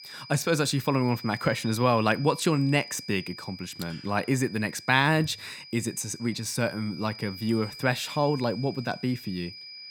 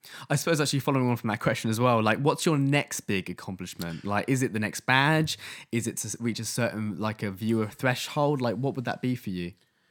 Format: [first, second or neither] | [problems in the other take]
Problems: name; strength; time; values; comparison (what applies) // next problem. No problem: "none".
second | high-pitched whine; noticeable; throughout; 5 kHz, 15 dB below the speech